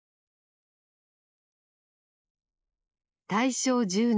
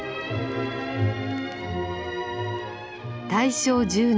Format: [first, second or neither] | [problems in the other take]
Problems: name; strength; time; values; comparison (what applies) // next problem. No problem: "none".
second | noise reduction (neural mask model Resemble Enhance denoiser)